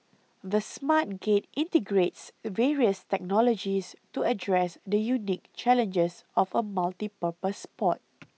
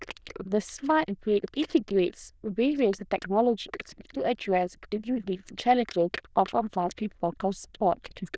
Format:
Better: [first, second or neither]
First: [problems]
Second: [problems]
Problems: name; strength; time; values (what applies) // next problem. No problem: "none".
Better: first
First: none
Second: noise reduction (neural diffusion model UNIVERSE++)